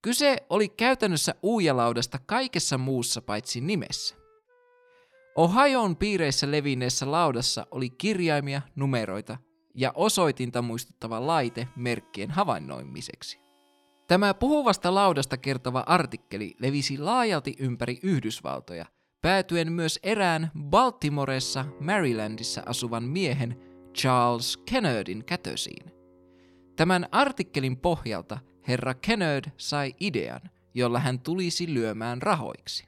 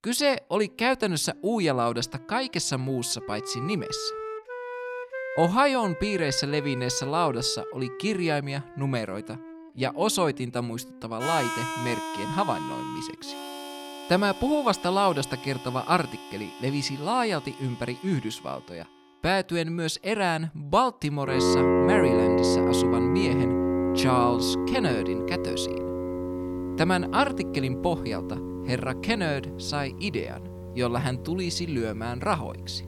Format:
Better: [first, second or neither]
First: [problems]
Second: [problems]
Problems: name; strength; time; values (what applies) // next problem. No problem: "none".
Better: first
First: background music; faint; throughout; 30 dB below the speech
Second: background music; loud; throughout; 2 dB below the speech